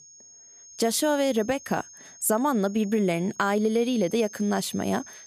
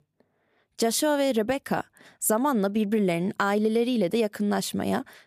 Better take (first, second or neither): second